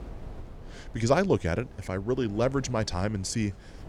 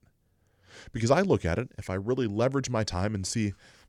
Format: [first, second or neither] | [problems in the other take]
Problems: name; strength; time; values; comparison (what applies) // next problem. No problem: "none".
second | wind noise on the microphone; occasional gusts; 20 dB below the speech